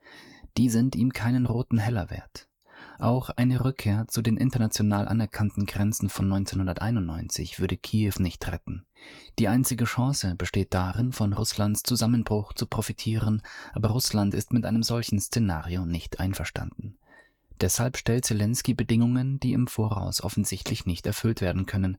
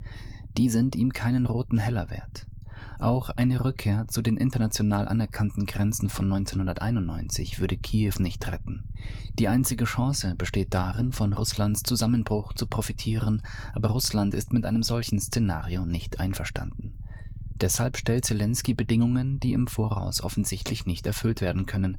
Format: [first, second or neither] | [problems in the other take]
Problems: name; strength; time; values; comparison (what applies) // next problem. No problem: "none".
first | low rumble; faint; throughout; 25 dB below the speech